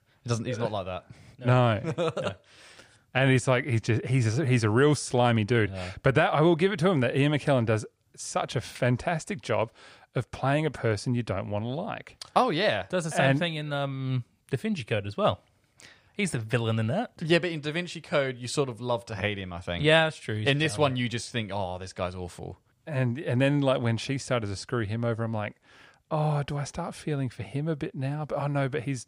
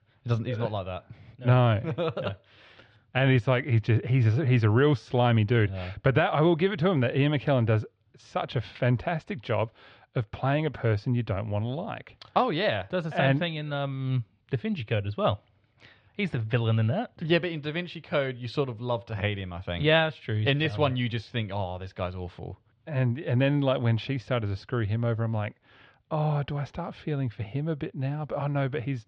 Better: first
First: none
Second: muffled; slightly; fading above 3.5 kHz

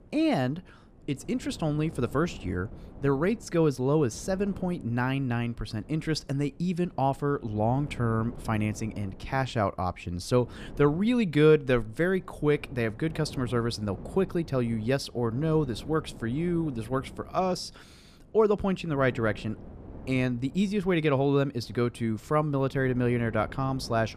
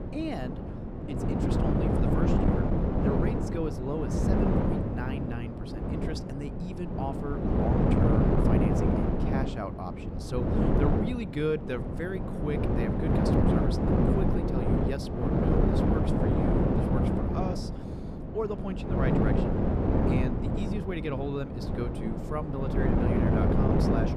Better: first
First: wind noise on the microphone; occasional gusts; 20 dB below the speech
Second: wind noise on the microphone; heavy; 5 dB above the speech

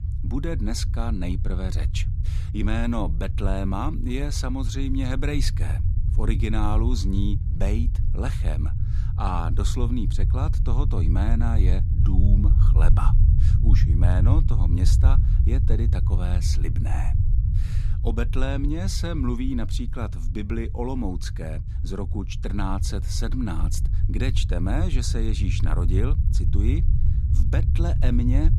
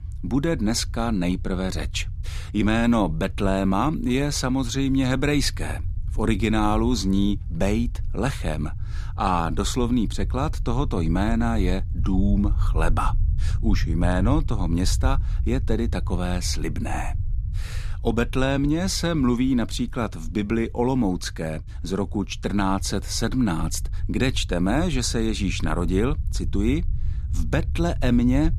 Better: second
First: low rumble; loud; throughout; 7 dB below the speech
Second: low rumble; faint; throughout; 20 dB below the speech

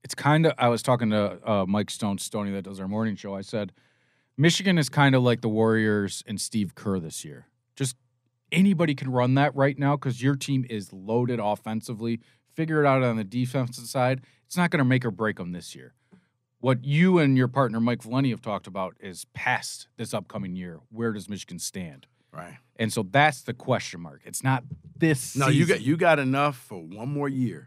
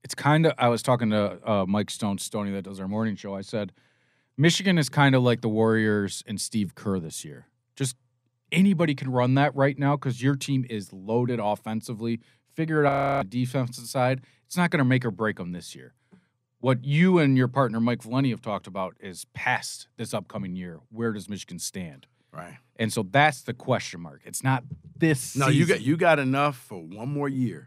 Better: first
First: none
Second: audio freezing; at 13 s

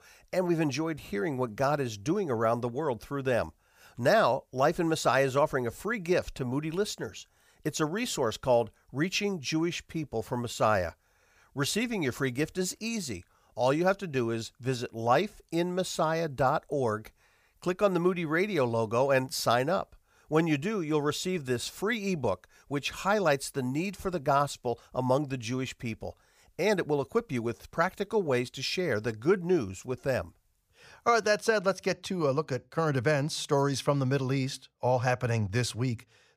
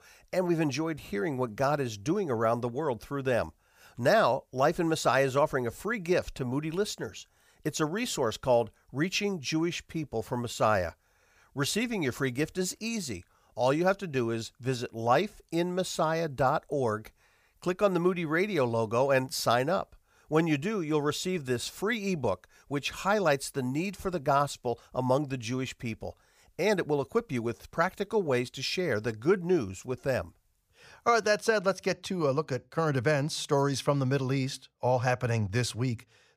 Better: neither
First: none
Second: none

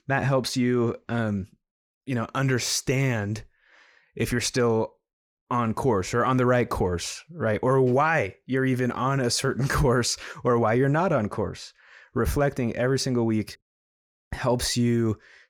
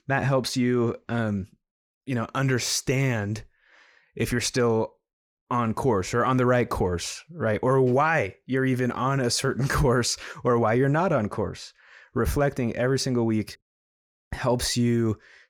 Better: neither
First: none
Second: none

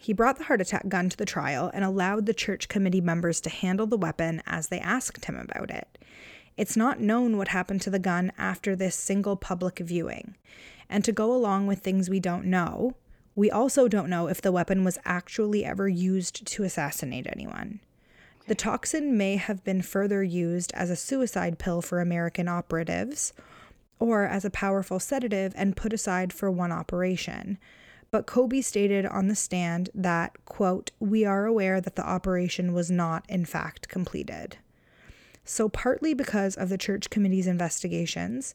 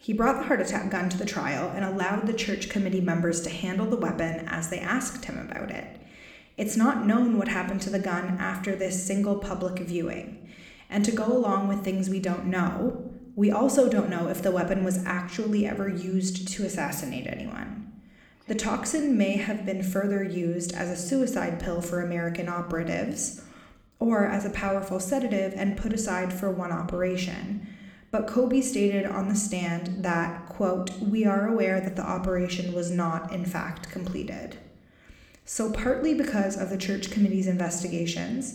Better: first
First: none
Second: room echo; slight; dies away in 0.7 s

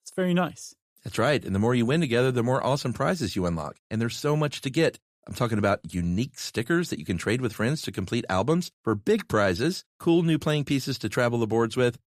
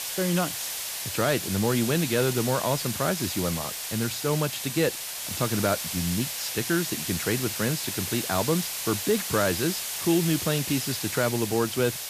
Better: first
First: none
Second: hiss; loud; throughout; 3 dB below the speech

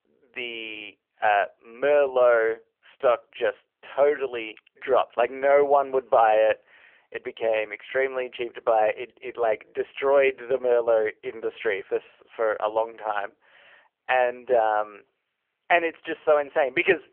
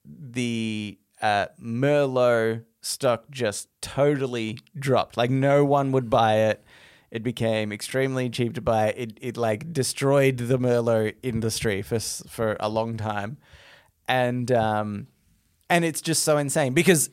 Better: second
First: phone-call audio; poor line; nothing above 3 kHz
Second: none

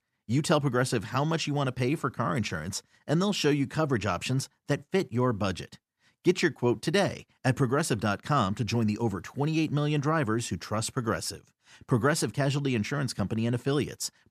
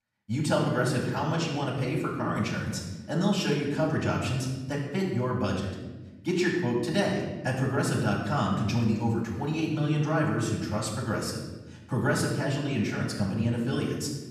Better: first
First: none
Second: off-mic speech; far // room echo; noticeable; dies away in 1.1 s

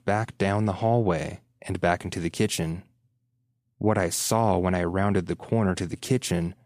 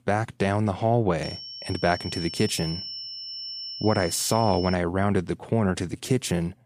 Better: first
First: none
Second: high-pitched whine; loud; from 1 to 4.5 s; 5.5 kHz, 9 dB below the speech

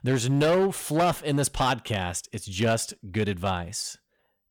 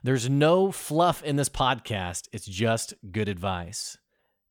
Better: second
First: distortion; slight; 6% of the sound clipped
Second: none

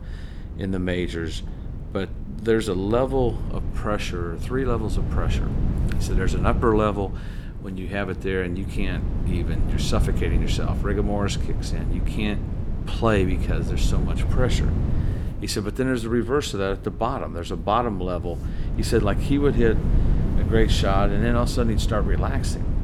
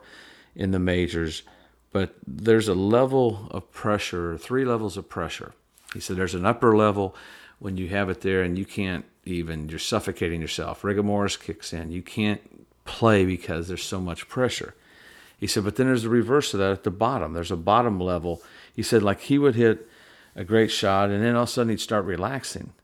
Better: second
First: wind noise on the microphone; occasional gusts; 10 dB below the speech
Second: none

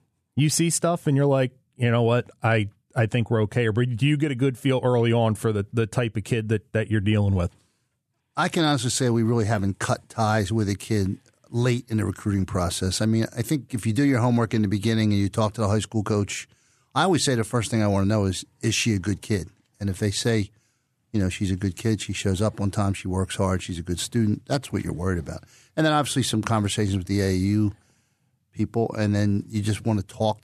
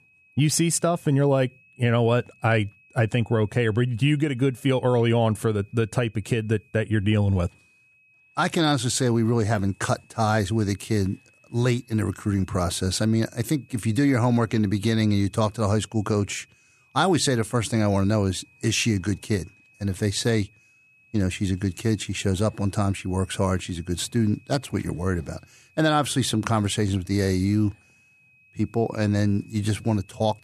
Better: first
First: none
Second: high-pitched whine; faint; throughout; 2.5 kHz, 30 dB below the speech

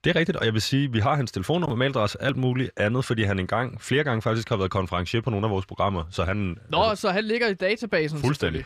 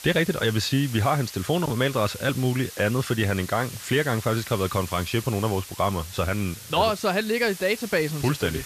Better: first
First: none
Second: hiss; noticeable; throughout; 15 dB below the speech

